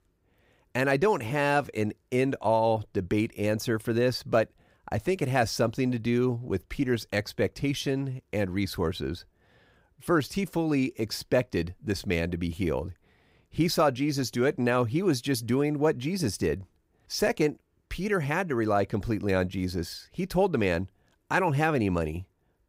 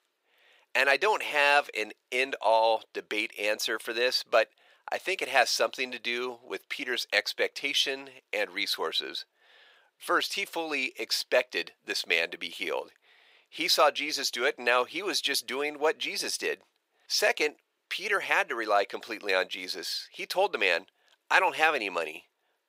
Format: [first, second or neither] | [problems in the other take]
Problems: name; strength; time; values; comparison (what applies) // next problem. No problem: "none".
first | thin; very; fading below 500 Hz